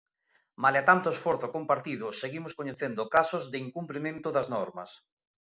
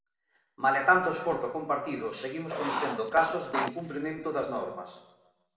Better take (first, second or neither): first